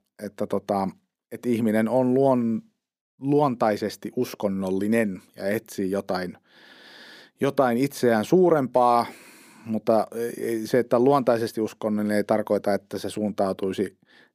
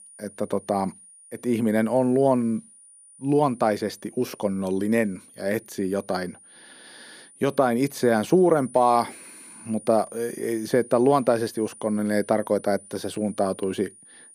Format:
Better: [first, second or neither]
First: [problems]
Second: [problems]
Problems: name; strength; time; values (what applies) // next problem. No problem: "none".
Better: first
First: none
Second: high-pitched whine; faint; throughout; 9.5 kHz, 20 dB below the speech